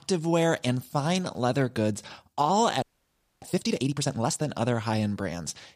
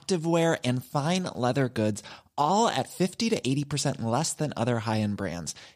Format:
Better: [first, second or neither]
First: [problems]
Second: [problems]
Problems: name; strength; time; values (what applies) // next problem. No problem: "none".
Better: second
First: audio freezing; at 3 s for 0.5 s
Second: none